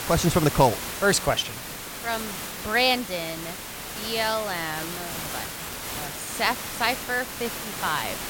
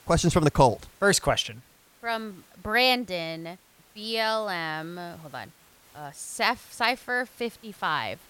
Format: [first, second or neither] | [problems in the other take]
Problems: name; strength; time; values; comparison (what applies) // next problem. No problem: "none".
second | hiss; loud; throughout; 7 dB below the speech; faint in the second